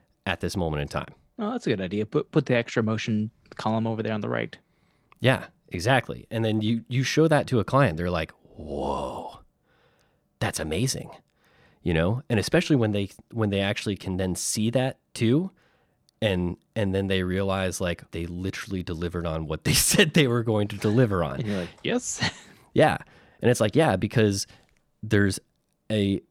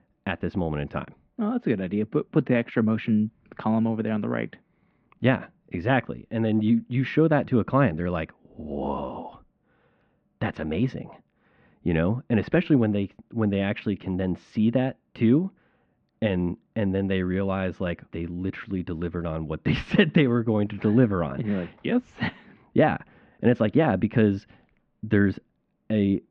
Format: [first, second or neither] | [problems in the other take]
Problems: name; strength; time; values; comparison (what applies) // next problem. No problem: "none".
first | muffled; very; fading above 3 kHz